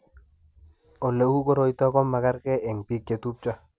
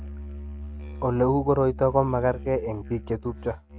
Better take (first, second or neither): first